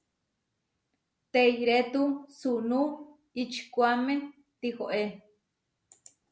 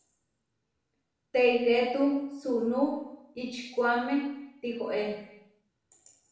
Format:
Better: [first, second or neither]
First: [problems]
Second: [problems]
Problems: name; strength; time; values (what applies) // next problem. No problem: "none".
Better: first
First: none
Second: room echo; dies away in 0.8 s